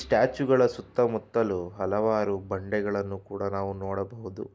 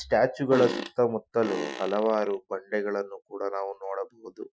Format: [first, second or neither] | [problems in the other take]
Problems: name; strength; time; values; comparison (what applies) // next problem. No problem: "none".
first | noise reduction (classical method Wiener filter)